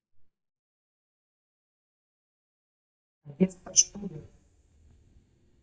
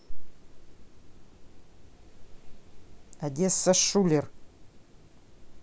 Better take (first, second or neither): second